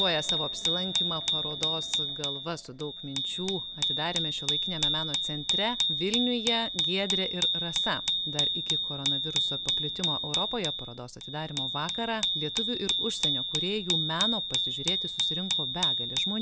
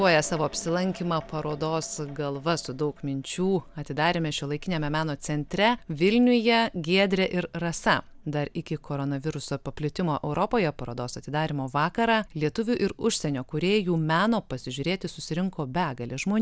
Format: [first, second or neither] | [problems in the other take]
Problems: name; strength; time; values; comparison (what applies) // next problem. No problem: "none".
second | background sound (Bicycle bell); 4 dB above the speech